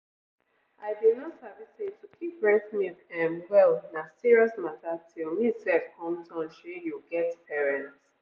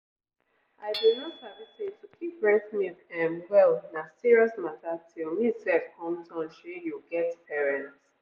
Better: first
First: none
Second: background sound (Hammer / Chink, clink); 17 dB below the speech

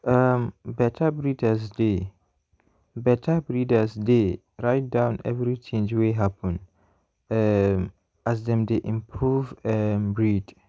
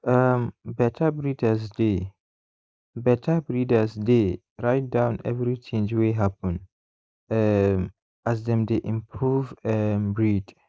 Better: first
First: none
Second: noise reduction (neural mask model Resemble Enhance denoiser)

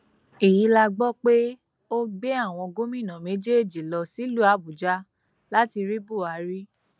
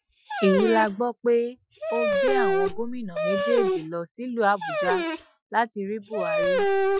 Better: first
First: none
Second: noise reduction (classical method Wiener filter)

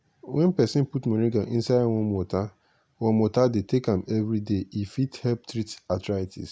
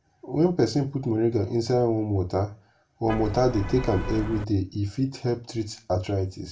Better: first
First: none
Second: background sound (Vehicle horn, car horn, honking); 6 dB below the speech // room echo; dies away in 0.2 s

